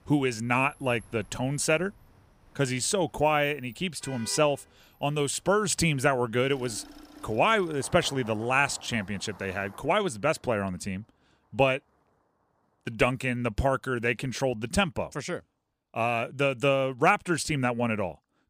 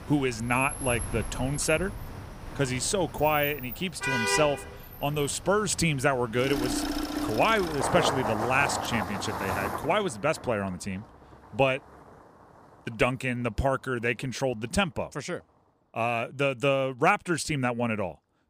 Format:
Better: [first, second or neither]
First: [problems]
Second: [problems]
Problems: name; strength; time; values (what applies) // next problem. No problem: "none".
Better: first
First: traffic noise; faint; throughout; 25 dB below the speech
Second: traffic noise; loud; throughout; 6 dB below the speech